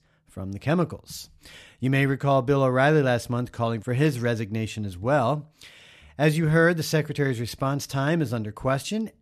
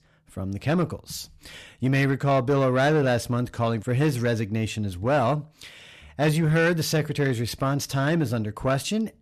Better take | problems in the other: first | distortion; slight; 10 dB below the speech

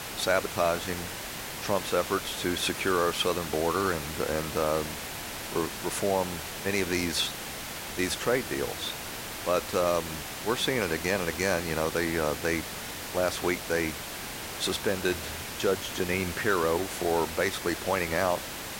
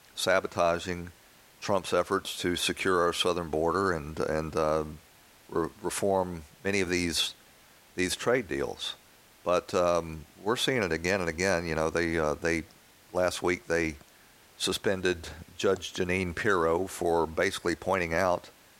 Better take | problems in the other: second | hiss; loud; throughout; 6 dB below the speech; faint in the second

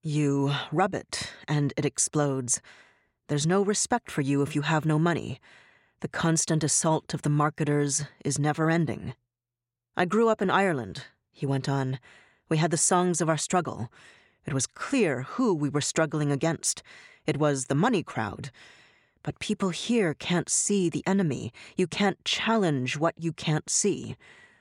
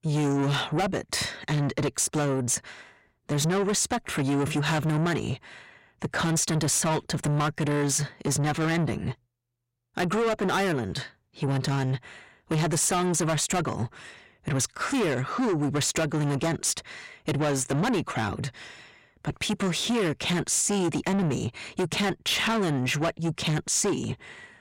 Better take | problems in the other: first | distortion; heavy; 6 dB below the speech

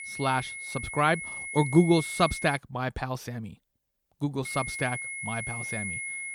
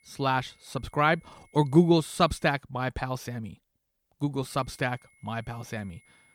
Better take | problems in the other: second | high-pitched whine; loud; until 2.5 s and from 4.5 s on; 2 kHz, 6 dB below the speech; faint in the second

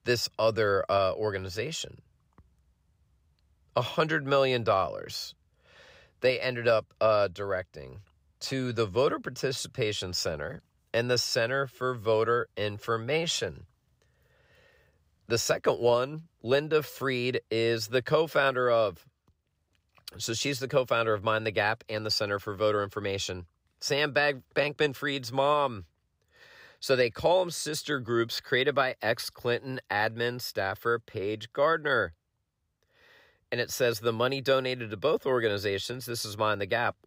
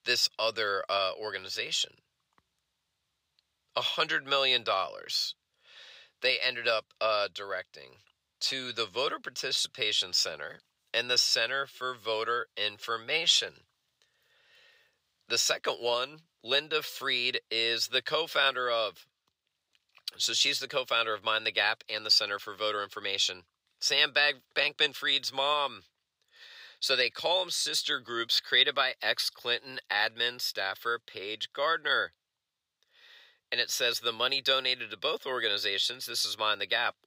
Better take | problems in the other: first | thin; somewhat; fading below 950 Hz

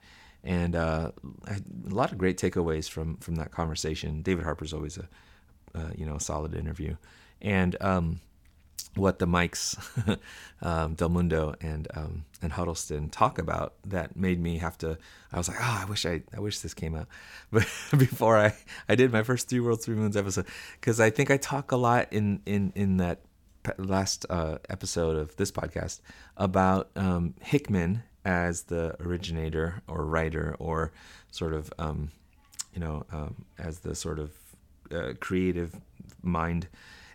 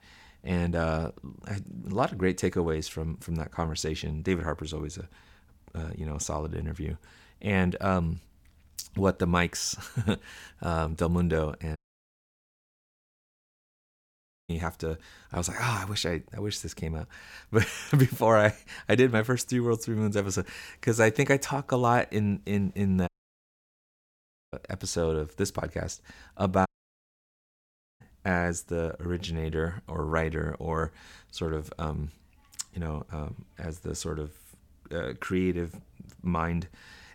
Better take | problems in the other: first | audio cutting out; at 12 s for 2.5 s, at 23 s for 1.5 s and at 27 s for 1.5 s

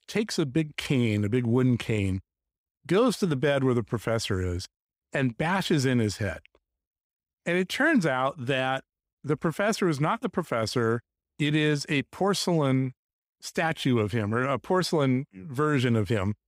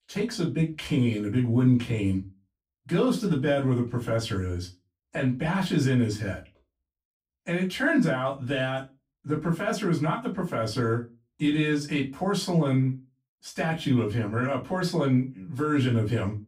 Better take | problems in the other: first | off-mic speech; far // room echo; very slight; dies away in 0.2 s

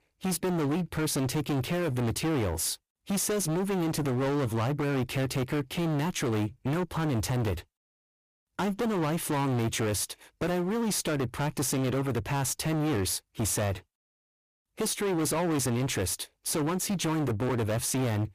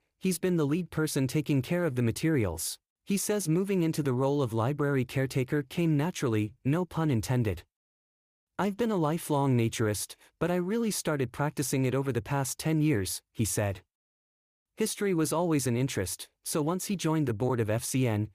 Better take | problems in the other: second | distortion; heavy; 29% of the sound clipped

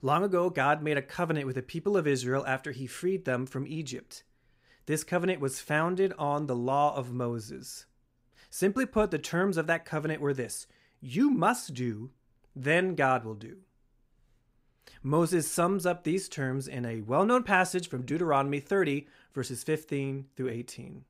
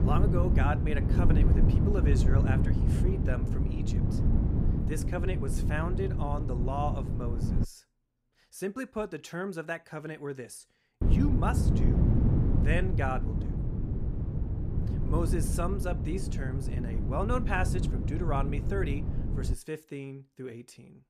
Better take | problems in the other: first | wind noise on the microphone; heavy; until 7.5 s and from 11 to 20 s; 4 dB below the speech

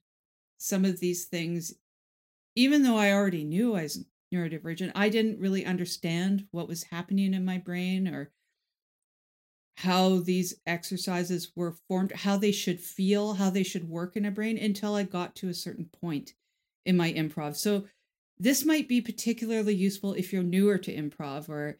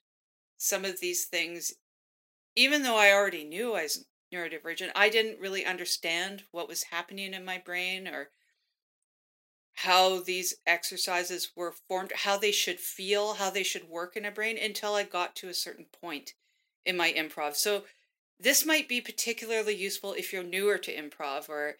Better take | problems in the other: first | thin; very; fading below 500 Hz

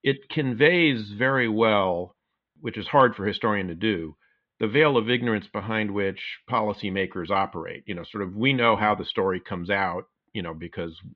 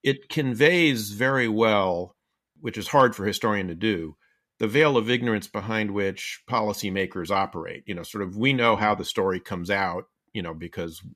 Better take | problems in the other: second | muffled; slightly; fading above 3.5 kHz

